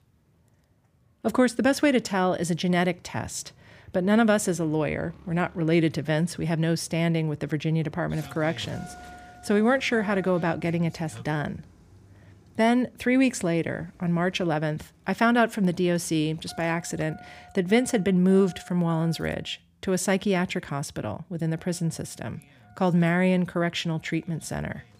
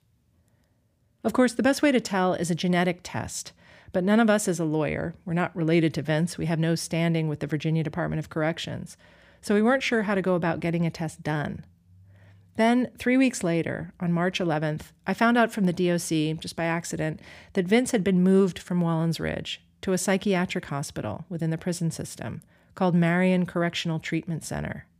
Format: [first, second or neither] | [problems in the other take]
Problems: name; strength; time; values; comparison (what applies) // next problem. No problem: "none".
second | traffic noise; faint; throughout; 25 dB below the speech